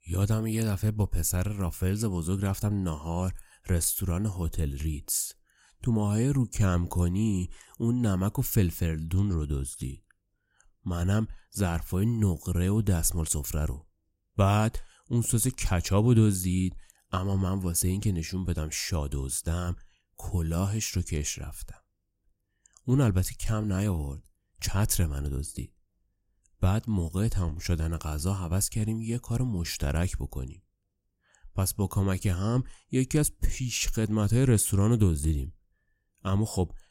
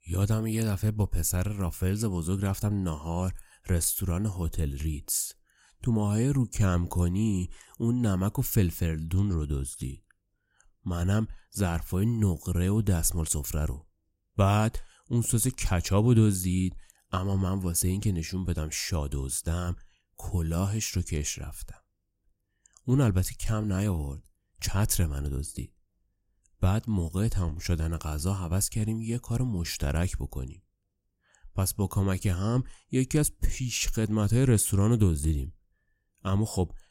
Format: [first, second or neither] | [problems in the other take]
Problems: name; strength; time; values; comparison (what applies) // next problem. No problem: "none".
neither | none